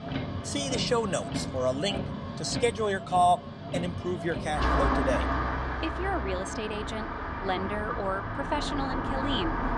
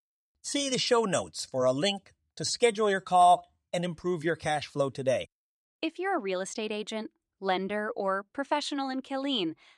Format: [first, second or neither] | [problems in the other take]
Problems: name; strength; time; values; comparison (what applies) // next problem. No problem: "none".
second | traffic noise; loud; throughout; 2 dB below the speech